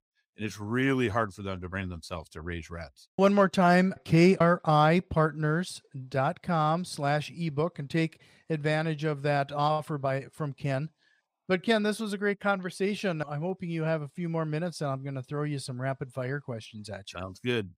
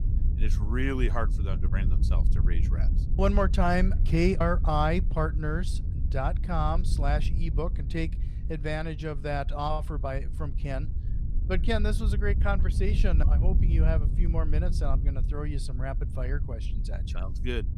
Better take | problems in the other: first | wind noise on the microphone; occasional gusts; 15 dB below the speech

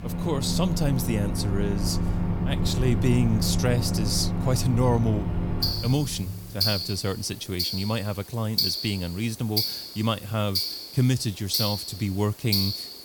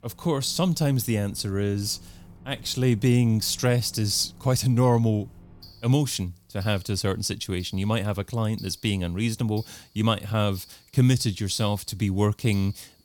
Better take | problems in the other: second | household noises; loud; throughout; as loud as the speech; faint in the second

